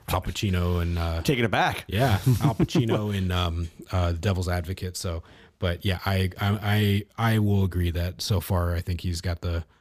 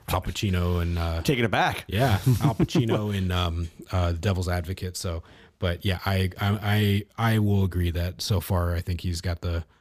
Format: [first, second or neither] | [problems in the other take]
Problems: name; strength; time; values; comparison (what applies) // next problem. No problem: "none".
neither | none